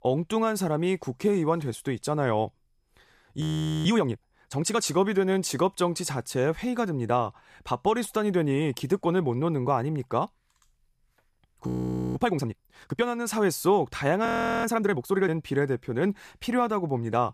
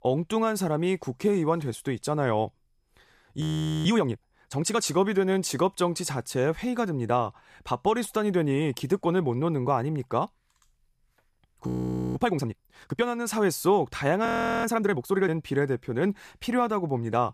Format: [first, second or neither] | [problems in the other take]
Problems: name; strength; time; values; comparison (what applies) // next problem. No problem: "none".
neither | audio freezing; at 3.5 s, at 12 s and at 14 s; the same in both